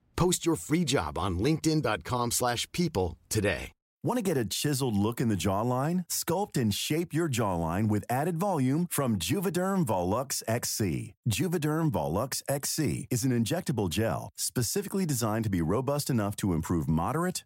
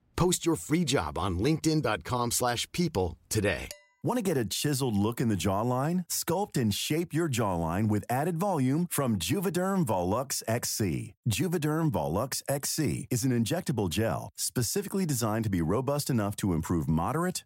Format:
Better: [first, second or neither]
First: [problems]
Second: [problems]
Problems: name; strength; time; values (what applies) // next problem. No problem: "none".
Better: first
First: none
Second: clattering dishes; faint; at 3.5 s; peak 20 dB below the speech